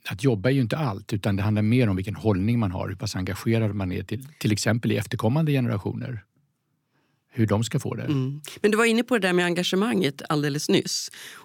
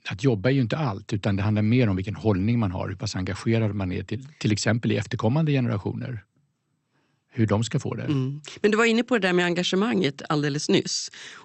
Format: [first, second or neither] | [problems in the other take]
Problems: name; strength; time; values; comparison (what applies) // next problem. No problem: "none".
first | garbled, watery; slightly; nothing above 8 kHz